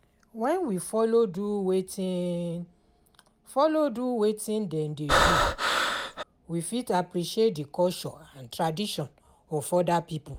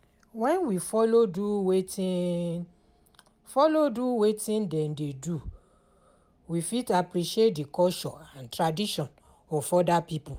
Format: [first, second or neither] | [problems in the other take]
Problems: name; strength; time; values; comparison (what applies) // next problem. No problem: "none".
second | background sound (Breathing); 4 dB above the speech